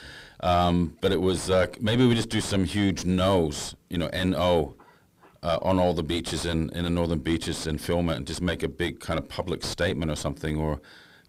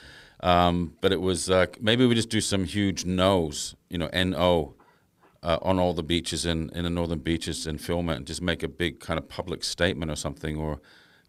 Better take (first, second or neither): second